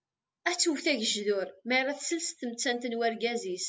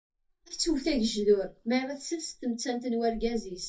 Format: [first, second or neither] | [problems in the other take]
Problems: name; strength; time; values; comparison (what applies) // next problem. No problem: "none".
first | noise reduction (neural mask model DeepFilterNet 3)